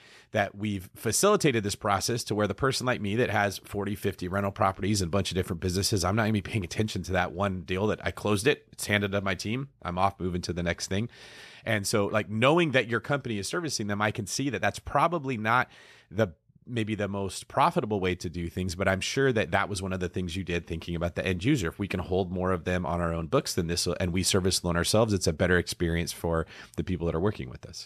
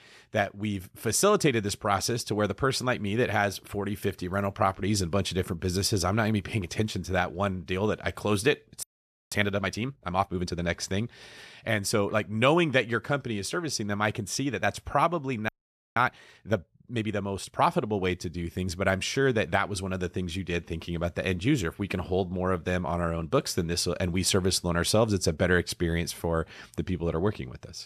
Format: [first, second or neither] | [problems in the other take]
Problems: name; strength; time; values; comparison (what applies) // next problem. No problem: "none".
first | audio freezing; at 9 s and at 15 s